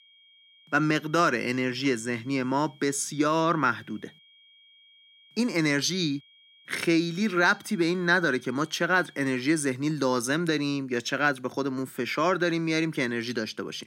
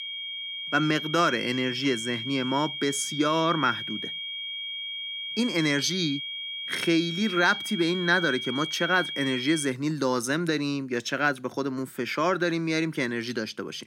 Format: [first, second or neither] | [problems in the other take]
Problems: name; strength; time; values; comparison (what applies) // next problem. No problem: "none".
first | high-pitched whine; loud; until 9.5 s; 3 kHz, 5 dB below the speech; faint in the first